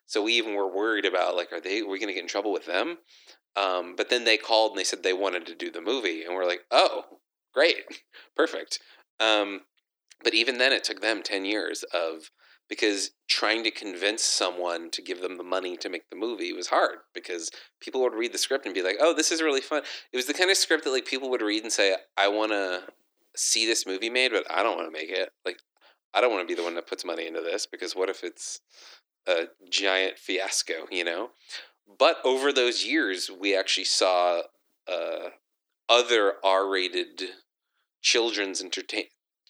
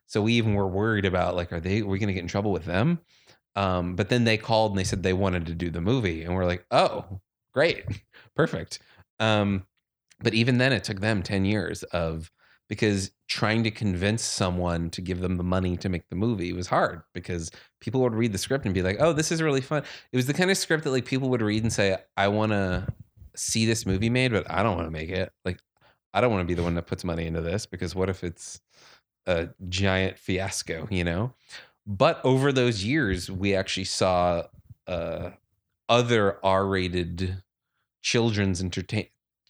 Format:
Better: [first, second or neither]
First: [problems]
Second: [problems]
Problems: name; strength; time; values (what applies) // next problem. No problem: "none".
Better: second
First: thin; very; fading below 300 Hz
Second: none